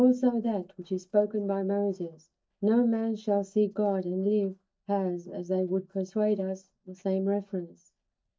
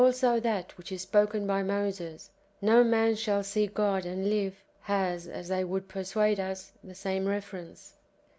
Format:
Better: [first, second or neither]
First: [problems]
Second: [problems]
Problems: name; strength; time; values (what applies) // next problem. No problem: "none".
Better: second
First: noise reduction (neural mask model DeepFilterNet 3)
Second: none